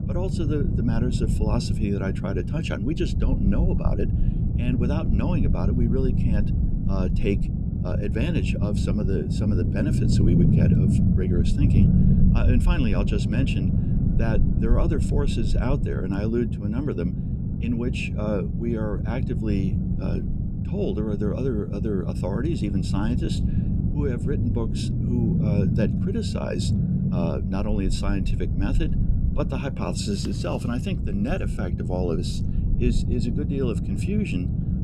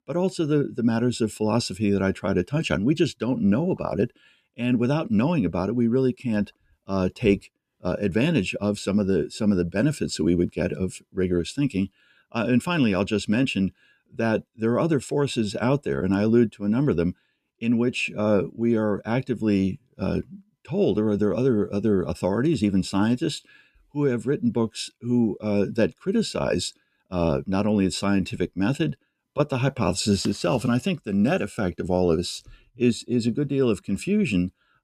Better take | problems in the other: second | low rumble; loud; throughout; 3 dB below the speech

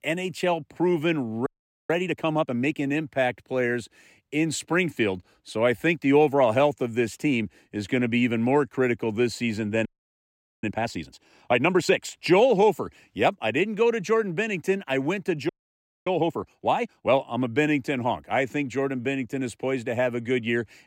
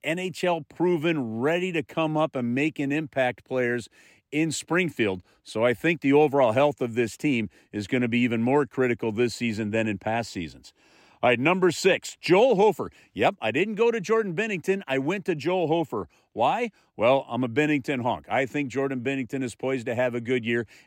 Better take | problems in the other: second | audio freezing; at 1.5 s, at 10 s for 1 s and at 15 s for 0.5 s

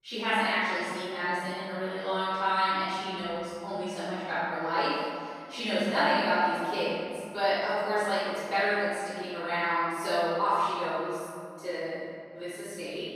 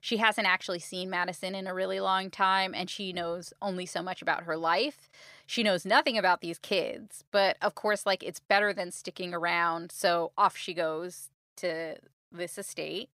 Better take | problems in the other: second | off-mic speech; far // room echo; strong; dies away in 2.1 s

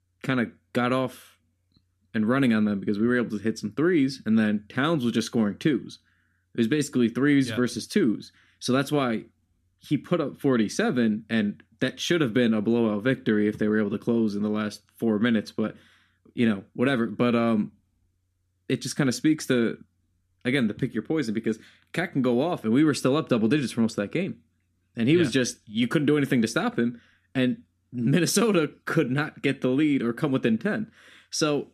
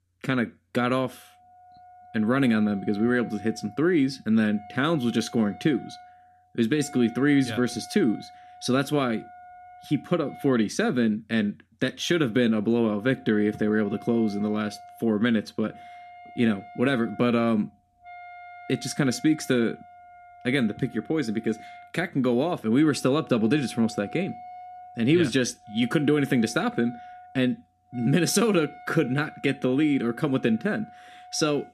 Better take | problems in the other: first | background music; faint; throughout; 20 dB below the speech

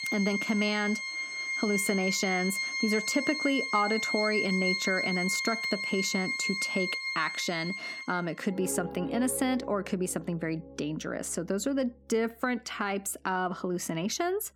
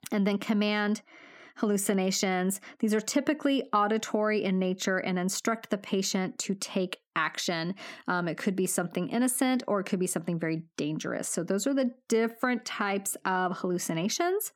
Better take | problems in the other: second | background music; loud; throughout; 1 dB below the speech

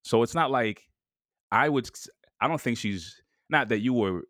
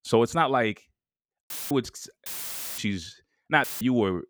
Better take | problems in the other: first | audio cutting out; filled with static; at 1.5 s, at 2.5 s for 0.5 s and at 3.5 s

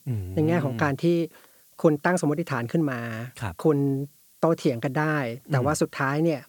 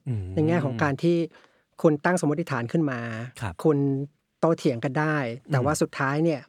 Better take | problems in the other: second | hiss; faint; throughout; 30 dB below the speech

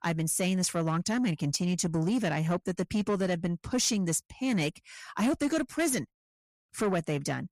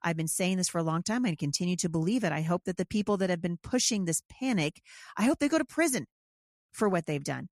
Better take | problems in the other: second | distortion; slight; 10 dB below the speech

